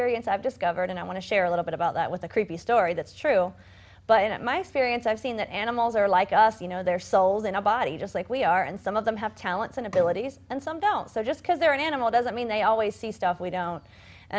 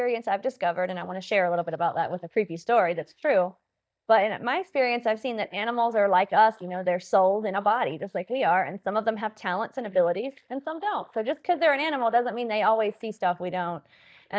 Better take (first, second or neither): first